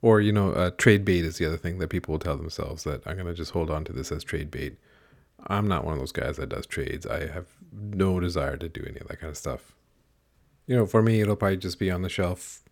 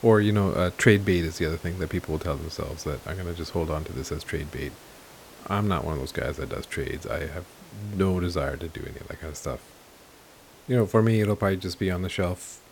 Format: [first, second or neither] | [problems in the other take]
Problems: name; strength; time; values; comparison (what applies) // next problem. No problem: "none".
first | hiss; faint; throughout; 20 dB below the speech